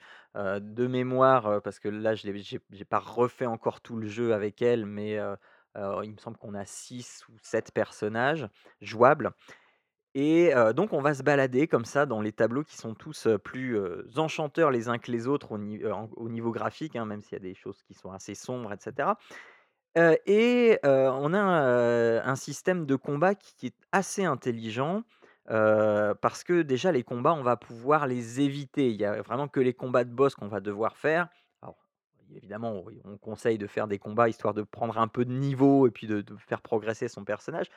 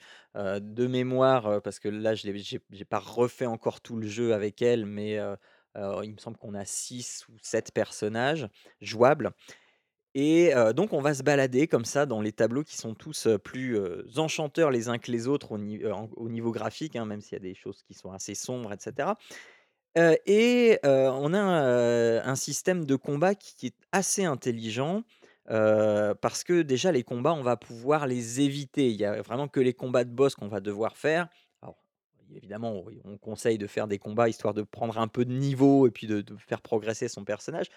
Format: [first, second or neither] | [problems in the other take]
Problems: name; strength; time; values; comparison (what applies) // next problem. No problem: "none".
second | muffled; slightly; fading above 3.5 kHz